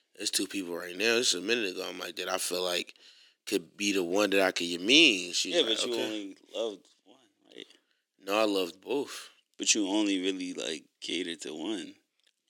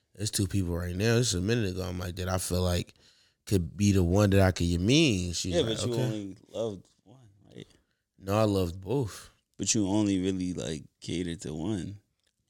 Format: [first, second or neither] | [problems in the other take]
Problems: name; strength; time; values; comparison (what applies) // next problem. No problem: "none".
second | thin; somewhat; fading below 300 Hz